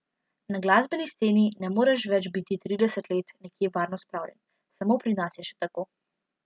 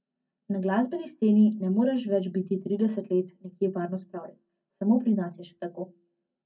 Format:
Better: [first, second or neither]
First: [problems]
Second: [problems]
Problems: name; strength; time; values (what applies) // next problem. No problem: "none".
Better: first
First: none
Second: room echo; dies away in 0.3 s